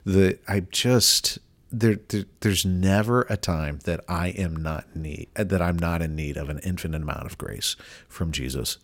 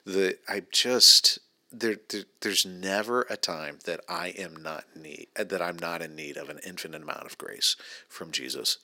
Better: first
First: none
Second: thin; somewhat; fading below 300 Hz

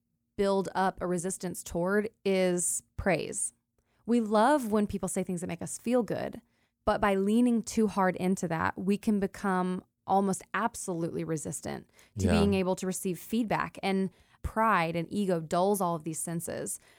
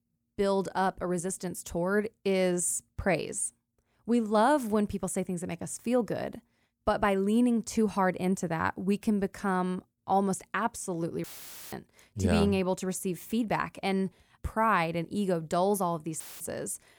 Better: first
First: none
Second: audio cutting out; filled with static; at 11 s and at 16 s

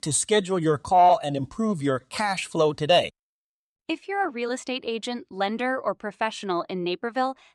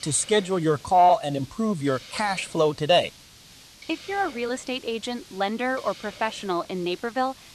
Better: first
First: none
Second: hiss; noticeable; throughout; 20 dB below the speech

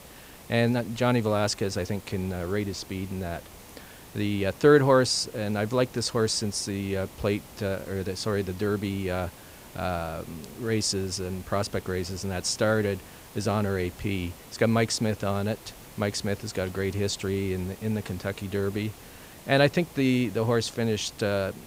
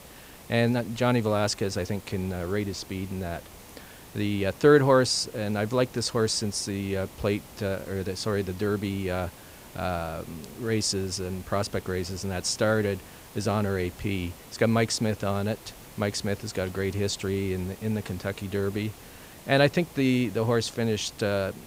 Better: neither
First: hiss; noticeable; throughout; 20 dB below the speech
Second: hiss; noticeable; throughout; 20 dB below the speech

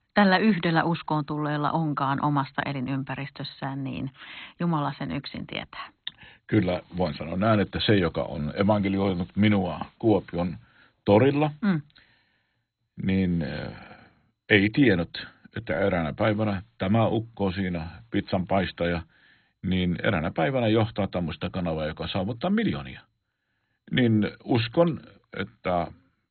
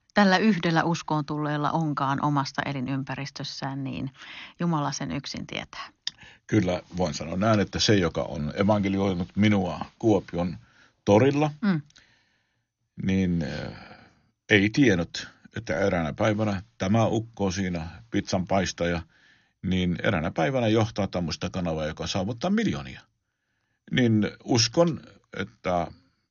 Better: second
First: garbled, watery; badly; nothing above 4 kHz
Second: garbled, watery; slightly; nothing above 6.5 kHz

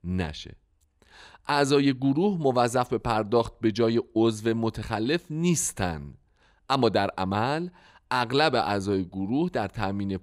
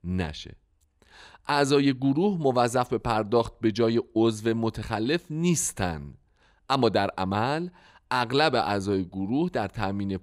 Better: neither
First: none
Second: none

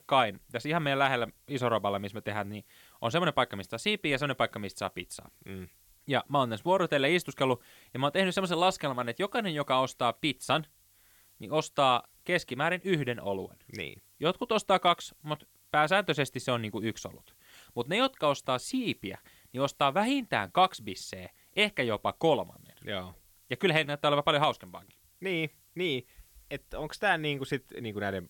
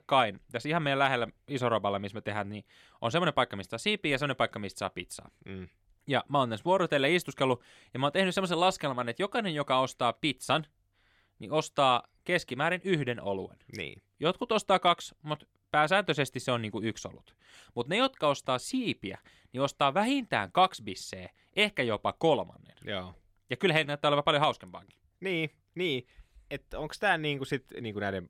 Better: second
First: hiss; faint; throughout; 30 dB below the speech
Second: none

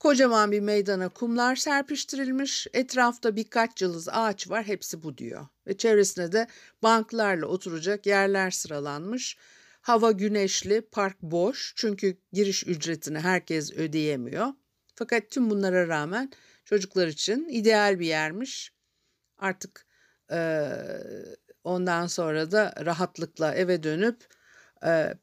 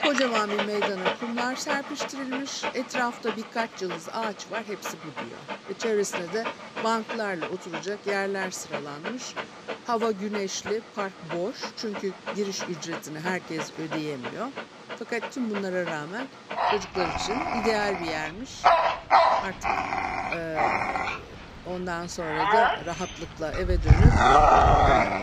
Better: first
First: none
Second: animal sounds; very loud; throughout; 5 dB above the speech

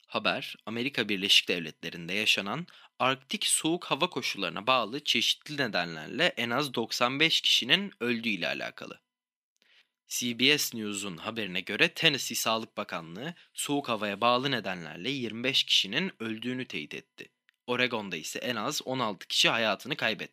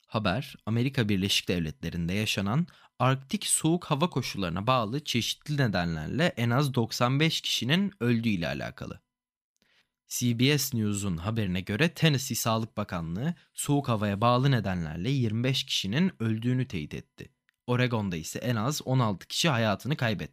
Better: second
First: thin; somewhat; fading below 300 Hz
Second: none

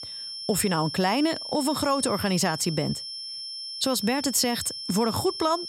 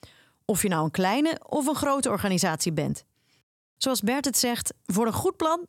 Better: second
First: high-pitched whine; loud; throughout; 5.5 kHz, 8 dB below the speech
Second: none

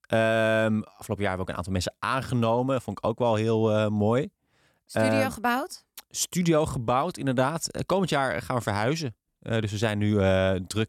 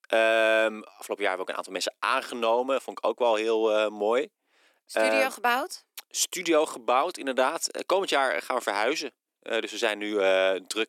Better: first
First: none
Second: thin; very; fading below 300 Hz

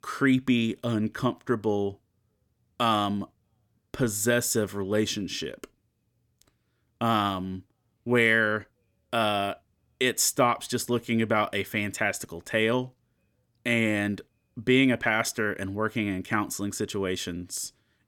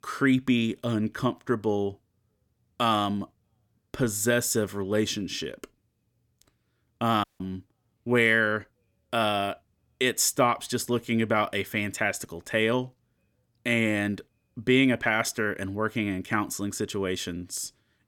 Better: first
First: none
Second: audio cutting out; at 7 s

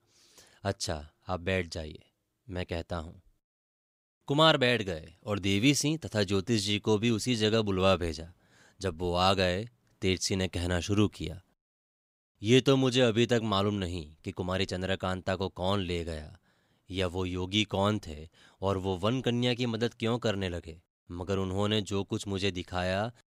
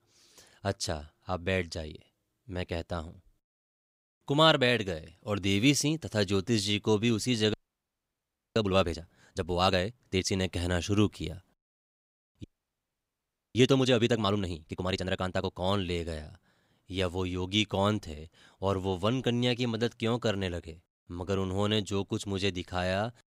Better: first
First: none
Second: audio freezing; at 7.5 s for 1 s and at 12 s for 1 s

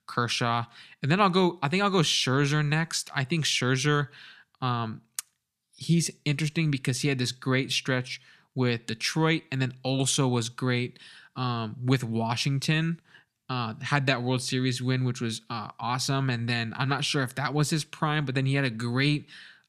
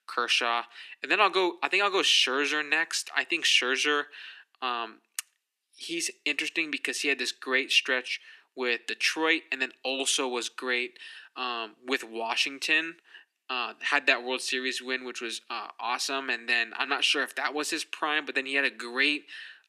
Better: first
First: none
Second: thin; very; fading below 300 Hz

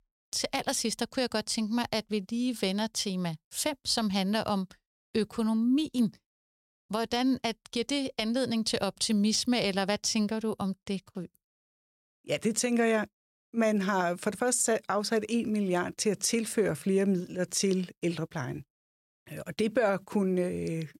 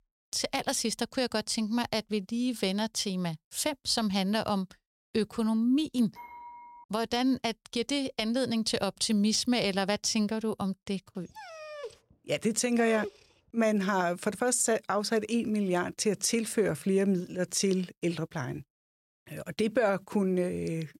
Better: first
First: none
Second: clattering dishes; faint; at 6 s; peak 15 dB below the speech // dog barking; faint; from 11 to 13 s; peak 10 dB below the speech

